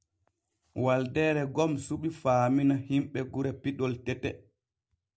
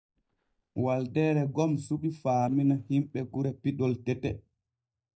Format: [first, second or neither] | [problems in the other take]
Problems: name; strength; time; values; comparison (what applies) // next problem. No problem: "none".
first | noise reduction (neural mask model DeepFilterNet 3)